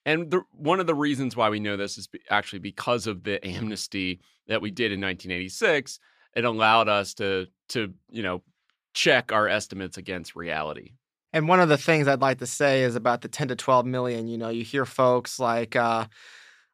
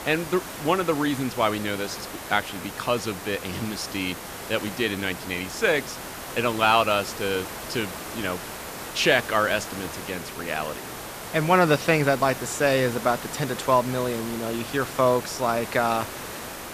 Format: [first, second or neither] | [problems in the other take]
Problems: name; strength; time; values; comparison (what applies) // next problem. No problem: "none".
first | hiss; loud; throughout; 10 dB below the speech